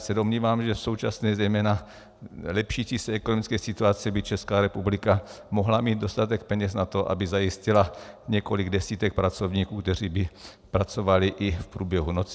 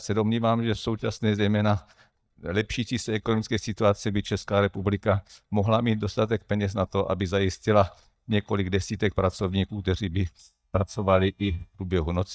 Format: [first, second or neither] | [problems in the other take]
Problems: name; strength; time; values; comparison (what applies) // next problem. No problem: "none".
first | noise reduction (neural mask model DeepFilterNet 3)